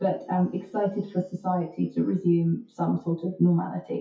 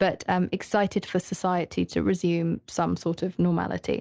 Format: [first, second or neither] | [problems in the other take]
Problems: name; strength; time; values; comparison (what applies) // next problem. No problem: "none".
second | noise reduction (classical method WPE with log-MMSE)